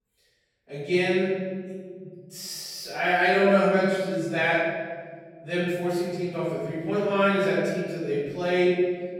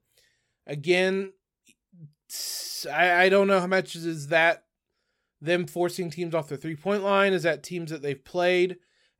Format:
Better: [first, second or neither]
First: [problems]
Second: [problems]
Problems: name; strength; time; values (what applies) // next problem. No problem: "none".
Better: second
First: off-mic speech; far // room echo; strong; dies away in 1.8 s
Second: none